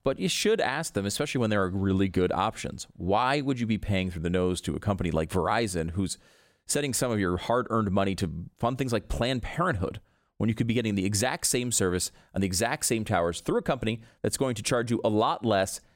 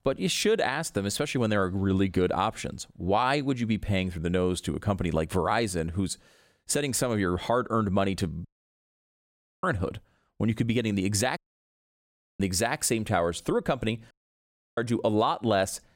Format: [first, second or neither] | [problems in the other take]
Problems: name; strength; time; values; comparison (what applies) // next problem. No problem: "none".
first | audio cutting out; at 8.5 s for 1 s, at 11 s for 1 s and at 14 s for 0.5 s